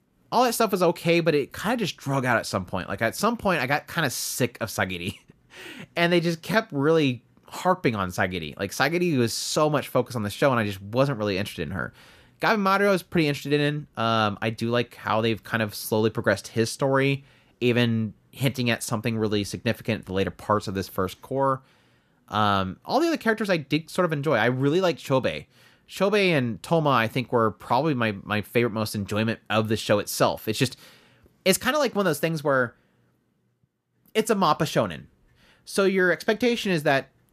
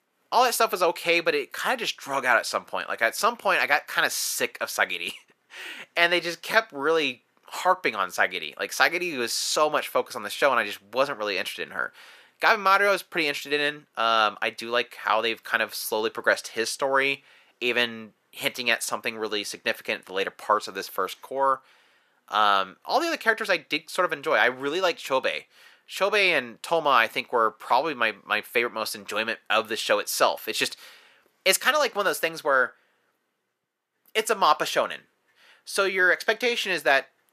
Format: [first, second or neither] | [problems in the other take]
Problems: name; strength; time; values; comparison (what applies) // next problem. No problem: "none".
first | thin; very; fading below 550 Hz